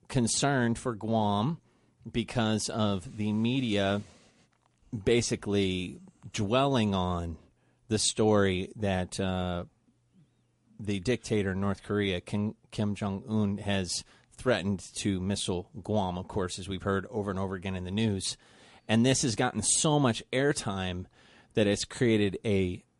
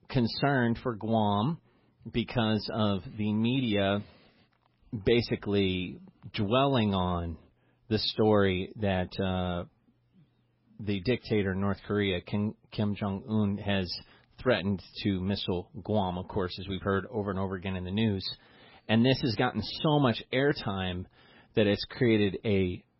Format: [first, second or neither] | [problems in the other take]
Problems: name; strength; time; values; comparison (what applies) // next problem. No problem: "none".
first | garbled, watery; badly; nothing above 5.5 kHz; slightly in the first